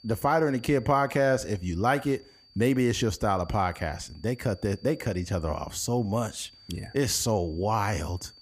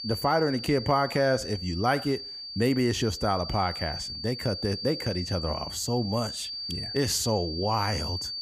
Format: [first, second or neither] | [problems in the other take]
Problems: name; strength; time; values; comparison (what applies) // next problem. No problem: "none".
first | high-pitched whine; loud; throughout; 4.5 kHz, 7 dB below the speech; faint in the first